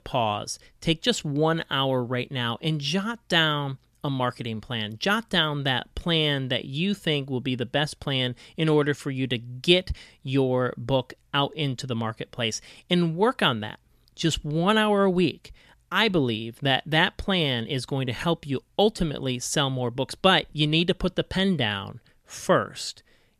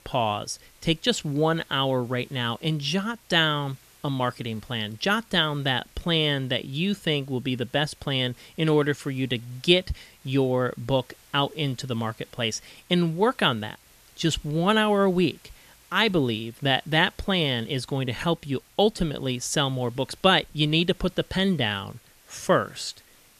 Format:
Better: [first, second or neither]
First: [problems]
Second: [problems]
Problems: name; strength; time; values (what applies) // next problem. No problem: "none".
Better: first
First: none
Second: hiss; faint; throughout; 30 dB below the speech